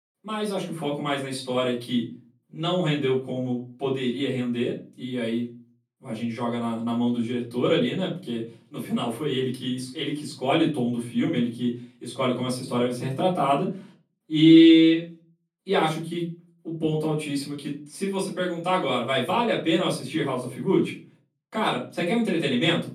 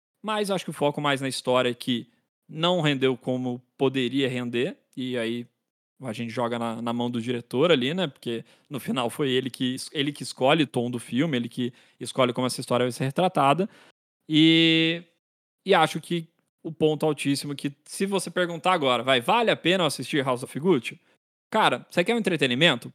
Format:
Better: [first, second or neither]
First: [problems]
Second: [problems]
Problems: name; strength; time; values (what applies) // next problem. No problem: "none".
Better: second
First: off-mic speech; far // room echo; slight; dies away in 0.3 s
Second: none